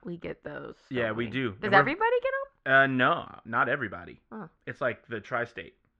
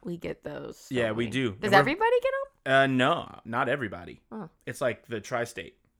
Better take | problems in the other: second | muffled; slightly; fading above 3.5 kHz

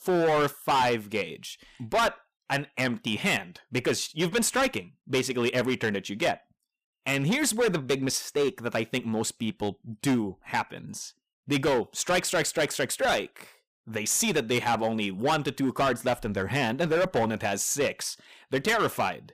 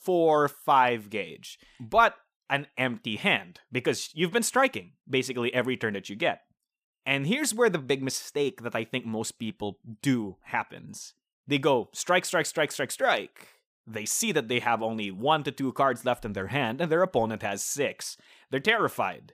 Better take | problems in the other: second | distortion; heavy; 9% of the sound clipped

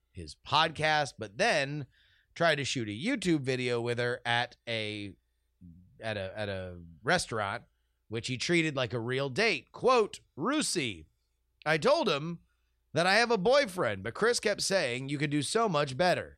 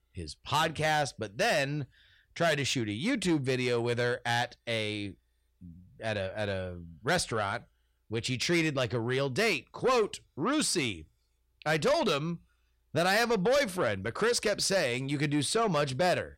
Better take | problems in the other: first | distortion; slight; 10 dB below the speech

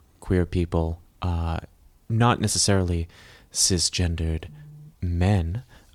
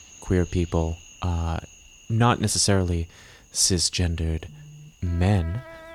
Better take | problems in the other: first | animal sounds; faint; throughout; 25 dB below the speech

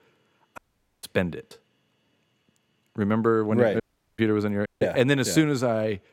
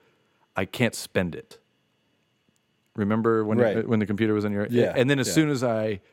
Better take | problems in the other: second | audio cutting out; at 0.5 s, at 4 s and at 4.5 s

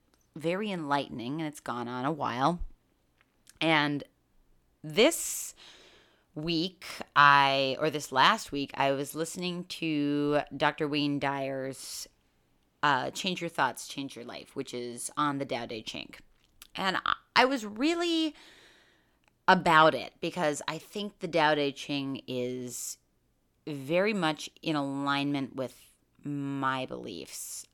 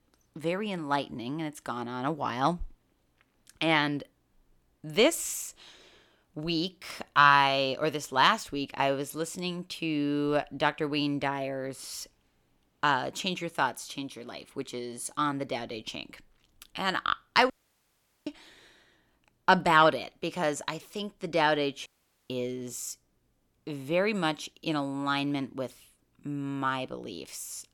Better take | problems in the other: first | audio cutting out; at 18 s for 1 s and at 22 s

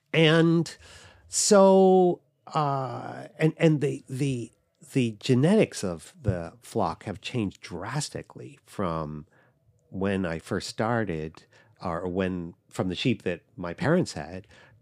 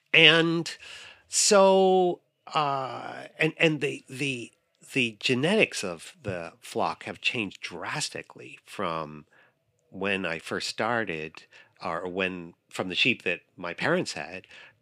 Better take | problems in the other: first | thin; very slightly; fading below 700 Hz

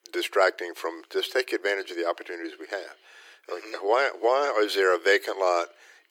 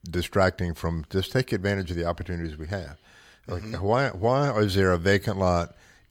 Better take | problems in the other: second | thin; very; fading below 350 Hz

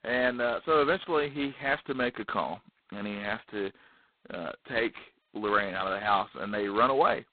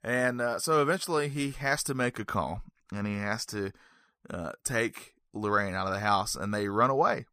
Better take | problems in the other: second | phone-call audio; poor line; nothing above 4 kHz

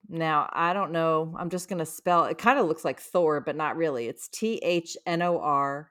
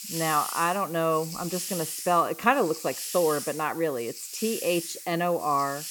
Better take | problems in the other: first | hiss; loud; throughout; 8 dB below the speech

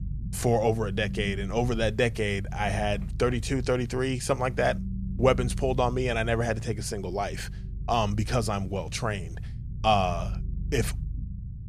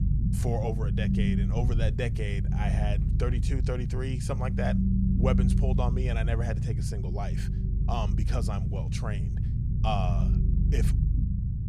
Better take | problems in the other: first | low rumble; loud; throughout; 4 dB below the speech; faint in the first

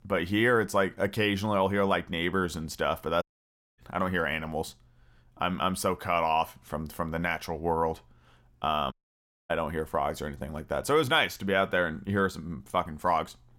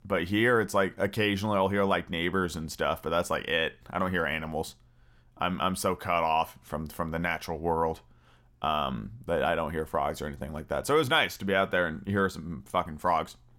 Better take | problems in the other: second | audio cutting out; at 3 s for 0.5 s and at 9 s for 0.5 s

